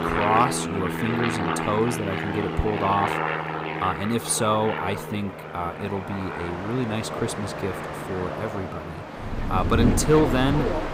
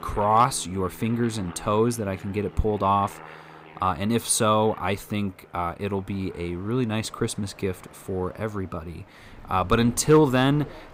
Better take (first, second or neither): second